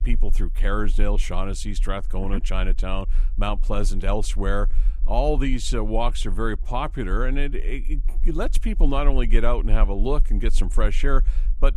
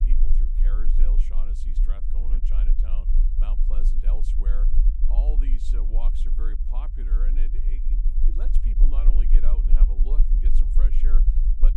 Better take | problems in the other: first | low rumble; loud; throughout; 3 dB below the speech; faint in the first

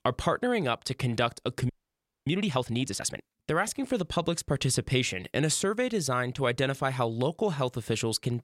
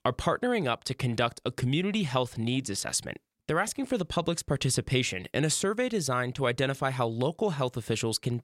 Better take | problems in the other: second | audio freezing; at 1.5 s for 0.5 s

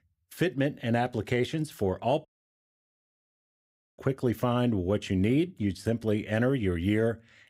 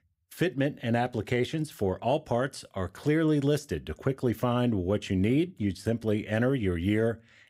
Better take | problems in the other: second | audio cutting out; at 2.5 s for 1.5 s

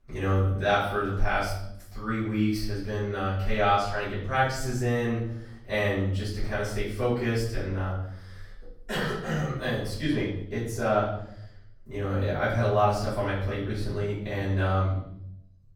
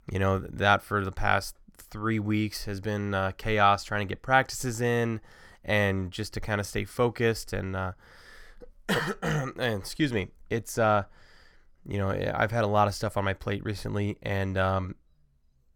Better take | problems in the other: second | off-mic speech; far // room echo; noticeable; dies away in 0.8 s

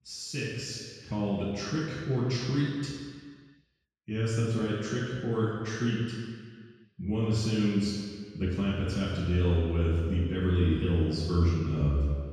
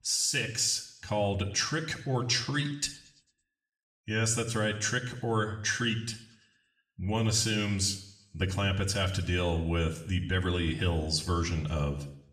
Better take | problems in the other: second | room echo; strong; dies away in 2 s; slight in the second // off-mic speech; far; somewhat distant in the second

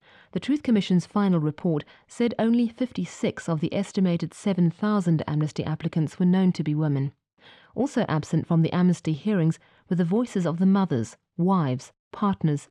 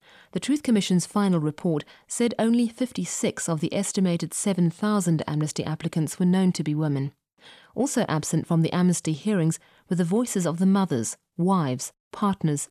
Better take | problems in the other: second | muffled; slightly; fading above 3.5 kHz

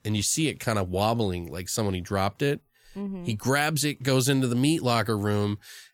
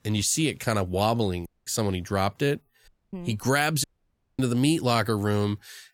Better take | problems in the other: first | audio cutting out; at 1.5 s, at 3 s and at 4 s for 0.5 s

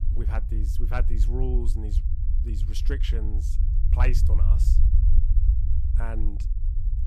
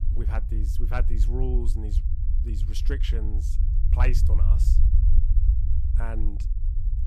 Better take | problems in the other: neither | low rumble; loud; throughout; 7 dB below the speech; the same in both

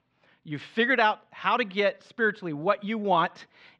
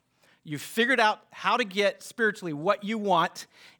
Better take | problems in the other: second | muffled; slightly; fading above 3.5 kHz

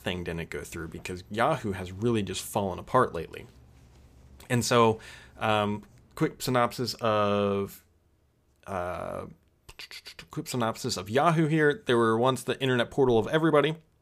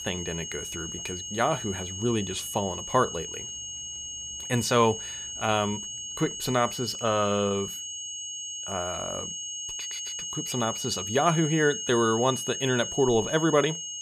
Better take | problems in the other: first | high-pitched whine; loud; throughout; 3 kHz, 6 dB below the speech

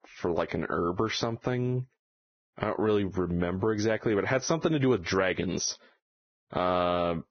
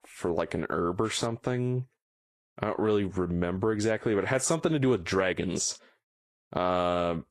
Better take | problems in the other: second | garbled, watery; badly; nothing above 6 kHz; slightly in the second

